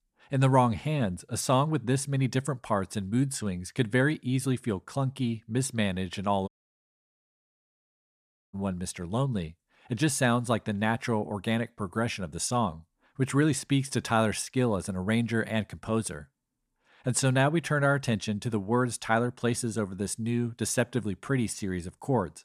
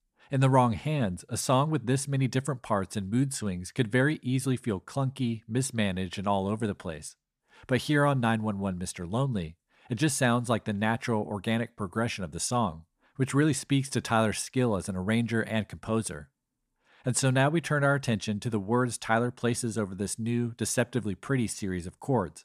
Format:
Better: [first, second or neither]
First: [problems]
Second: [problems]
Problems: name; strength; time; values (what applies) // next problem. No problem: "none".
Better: second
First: audio cutting out; at 6.5 s for 2 s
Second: none